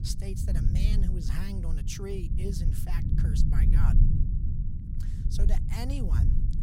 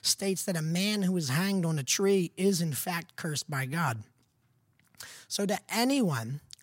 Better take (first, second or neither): second